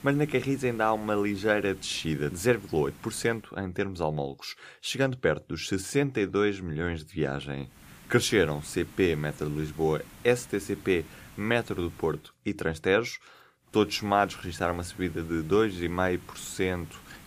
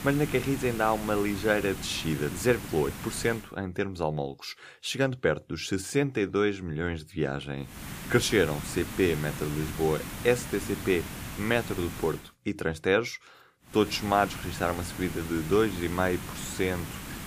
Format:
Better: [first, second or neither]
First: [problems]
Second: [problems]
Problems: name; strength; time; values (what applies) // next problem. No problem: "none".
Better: first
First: hiss; faint; until 3.5 s, from 7.5 to 12 s and from 14 s on; 20 dB below the speech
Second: hiss; loud; until 3.5 s, from 7.5 to 12 s and from 14 s on; 10 dB below the speech